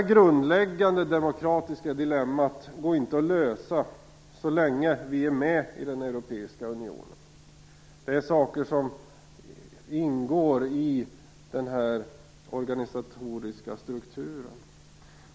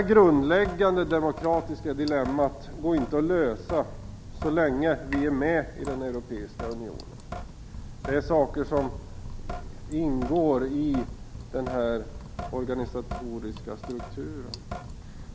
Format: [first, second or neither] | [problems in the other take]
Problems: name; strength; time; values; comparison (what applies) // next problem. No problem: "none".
first | background sound (Drip / Sink (filling or washing)); 10 dB below the speech